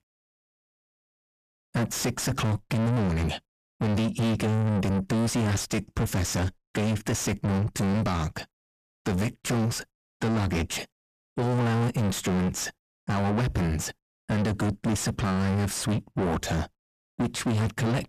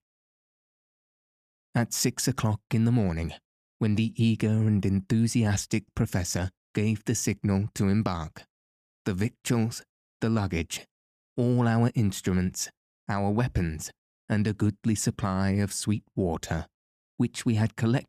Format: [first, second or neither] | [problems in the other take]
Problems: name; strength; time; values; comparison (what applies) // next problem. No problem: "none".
second | distortion; heavy; 6 dB below the speech